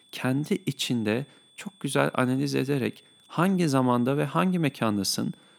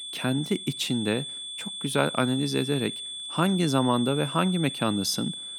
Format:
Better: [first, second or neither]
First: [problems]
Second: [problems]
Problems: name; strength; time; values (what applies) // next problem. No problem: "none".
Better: first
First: high-pitched whine; faint; throughout; 3.5 kHz, 30 dB below the speech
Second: high-pitched whine; loud; throughout; 3.5 kHz, 7 dB below the speech